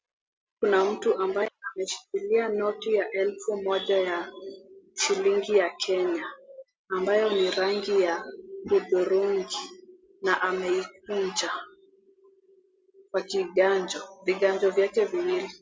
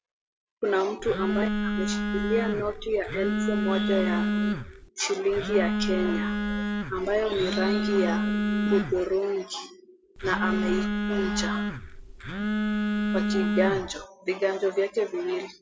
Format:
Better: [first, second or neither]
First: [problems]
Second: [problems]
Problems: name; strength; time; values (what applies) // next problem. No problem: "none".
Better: first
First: none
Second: background sound (Telephone); 1 dB above the speech